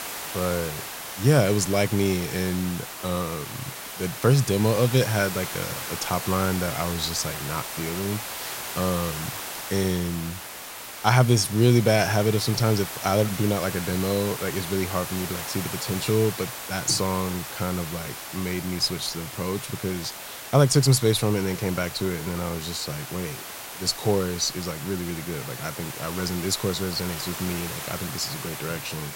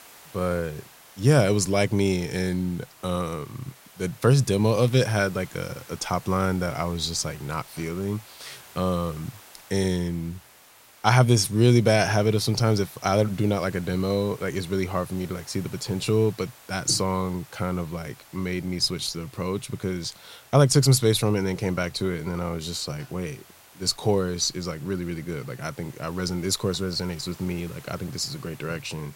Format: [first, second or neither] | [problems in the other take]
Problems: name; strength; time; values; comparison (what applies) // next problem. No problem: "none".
second | hiss; loud; throughout; 8 dB below the speech; faint in the second